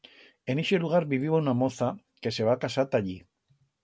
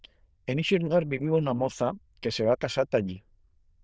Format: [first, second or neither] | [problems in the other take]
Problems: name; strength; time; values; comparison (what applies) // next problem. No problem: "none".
first | noise reduction (neural diffusion model UNIVERSE++)